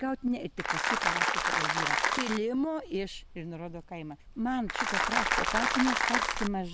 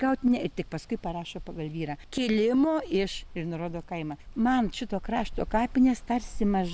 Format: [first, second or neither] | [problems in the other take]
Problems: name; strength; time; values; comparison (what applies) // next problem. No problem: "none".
second | background sound (Applause); 4 dB above the speech